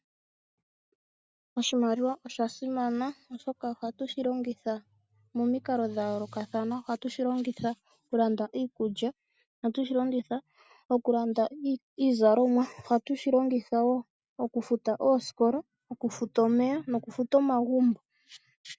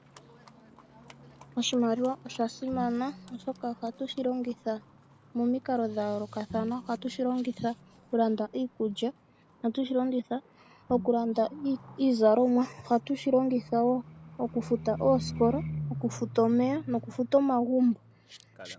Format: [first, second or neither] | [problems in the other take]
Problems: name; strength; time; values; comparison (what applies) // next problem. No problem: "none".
first | background sound (Livestock, farm animals, working animals + Bowed string instrument); 15 dB below the speech